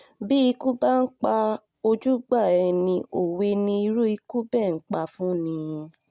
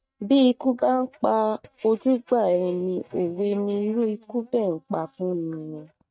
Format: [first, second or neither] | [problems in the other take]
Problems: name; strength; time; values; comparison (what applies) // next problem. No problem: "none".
first | noise reduction (neural mask model DeepFilterNet 3)